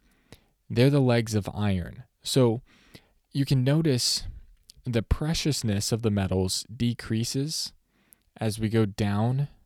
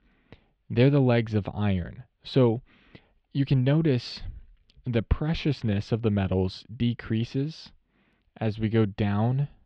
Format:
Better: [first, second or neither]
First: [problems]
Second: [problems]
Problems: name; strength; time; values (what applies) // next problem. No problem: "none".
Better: first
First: none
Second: muffled; slightly; fading above 3 kHz